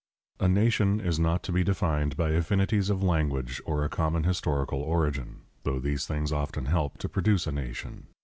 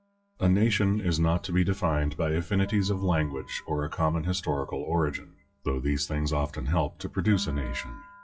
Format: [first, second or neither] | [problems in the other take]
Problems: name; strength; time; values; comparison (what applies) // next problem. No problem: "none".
first | noise reduction (classical method WPE with log-MMSE)